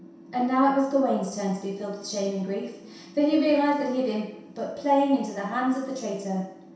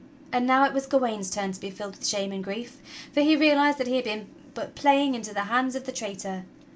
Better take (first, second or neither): second